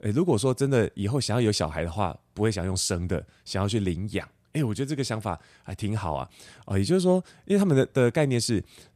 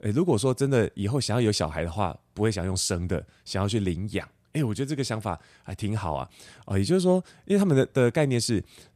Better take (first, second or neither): neither